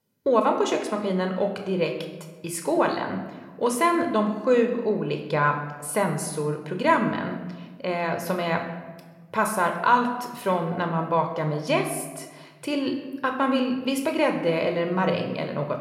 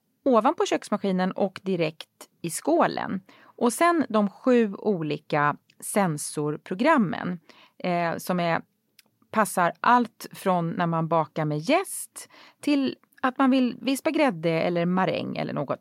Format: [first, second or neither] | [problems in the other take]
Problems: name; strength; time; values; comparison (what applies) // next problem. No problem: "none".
second | room echo; slight; dies away in 0.9 s